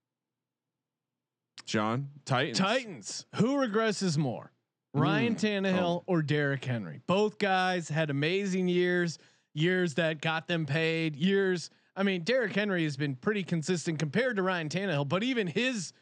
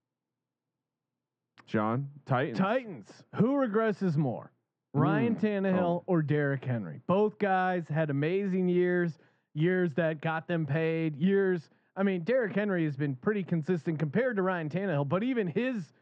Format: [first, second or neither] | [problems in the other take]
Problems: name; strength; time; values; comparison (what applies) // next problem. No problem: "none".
first | muffled; very; fading above 3.5 kHz